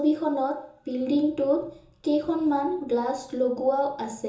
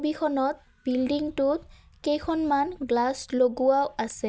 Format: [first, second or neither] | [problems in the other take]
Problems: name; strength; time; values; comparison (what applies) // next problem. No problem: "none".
second | room echo; dies away in 0.6 s